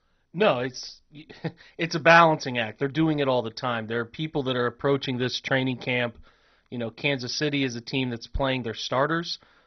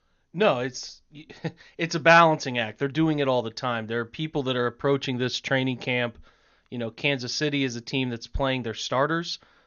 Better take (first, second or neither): second